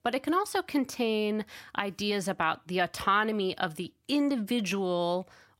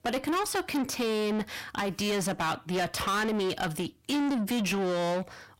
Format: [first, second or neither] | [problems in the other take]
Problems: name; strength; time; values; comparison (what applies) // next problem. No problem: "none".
first | distortion; heavy; 7 dB below the speech